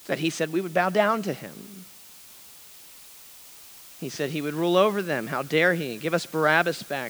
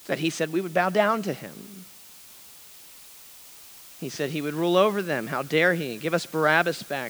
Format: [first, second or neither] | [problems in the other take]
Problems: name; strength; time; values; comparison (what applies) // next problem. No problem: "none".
neither | hiss; noticeable; throughout; 20 dB below the speech; the same in both